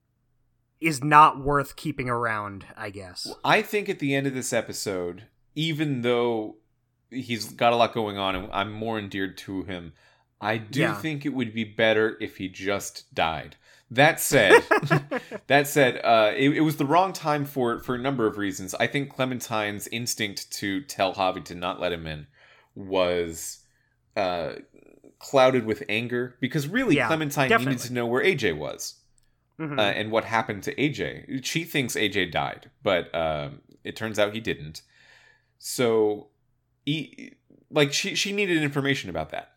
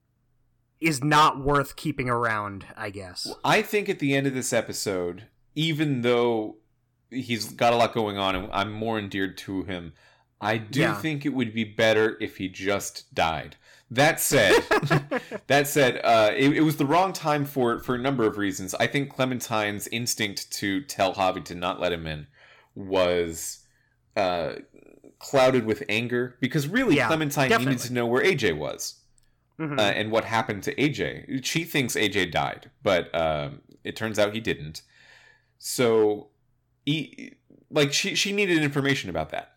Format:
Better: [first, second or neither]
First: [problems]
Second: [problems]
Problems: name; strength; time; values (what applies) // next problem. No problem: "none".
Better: first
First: none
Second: distortion; slight; 2% of the sound clipped